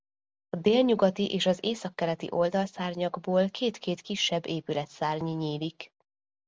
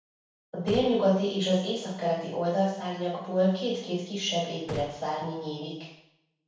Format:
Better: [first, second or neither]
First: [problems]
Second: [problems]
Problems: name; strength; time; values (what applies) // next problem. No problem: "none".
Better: first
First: none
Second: background sound (Gunshot, gunfire); 16 dB below the speech // room echo; dies away in 0.7 s